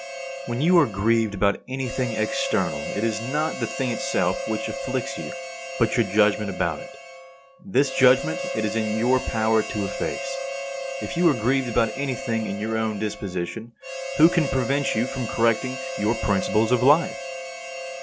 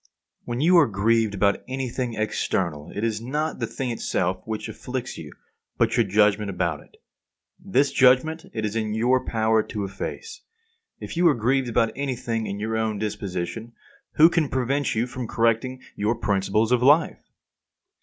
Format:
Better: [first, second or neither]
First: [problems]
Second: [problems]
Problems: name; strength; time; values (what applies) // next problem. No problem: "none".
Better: second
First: background sound (Harmonica); 8 dB below the speech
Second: none